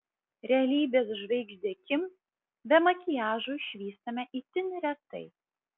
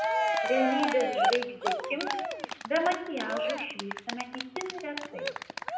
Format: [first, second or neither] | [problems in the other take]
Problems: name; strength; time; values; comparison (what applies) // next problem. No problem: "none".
first | background sound (Cheering); 1 dB above the speech // room echo; dies away in 0.8 s